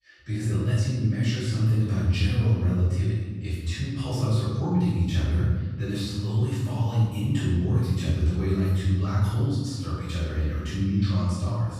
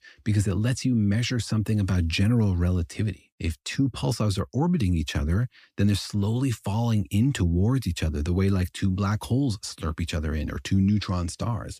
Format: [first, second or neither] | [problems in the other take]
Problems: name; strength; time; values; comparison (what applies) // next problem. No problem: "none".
second | off-mic speech; far // room echo; strong; dies away in 1.3 s